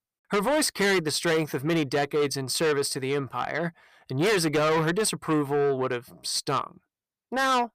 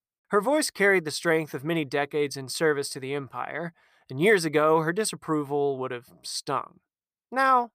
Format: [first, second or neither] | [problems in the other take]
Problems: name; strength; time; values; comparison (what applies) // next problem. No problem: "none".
second | distortion; heavy; 6 dB below the speech